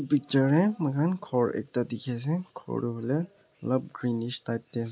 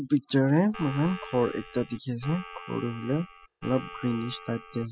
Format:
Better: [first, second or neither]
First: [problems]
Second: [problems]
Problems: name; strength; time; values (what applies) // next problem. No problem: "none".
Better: first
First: none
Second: noise reduction (classical method spectral subtraction)